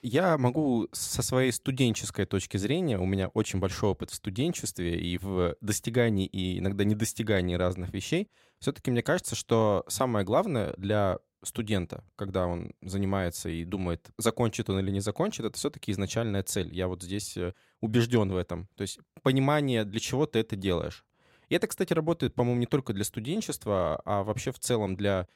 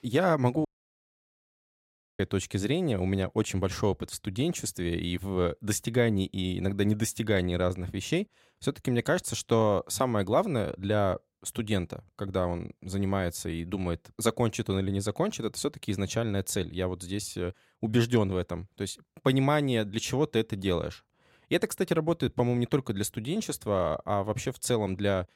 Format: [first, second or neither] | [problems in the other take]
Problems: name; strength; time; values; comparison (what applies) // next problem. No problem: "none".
first | audio cutting out; at 0.5 s for 1.5 s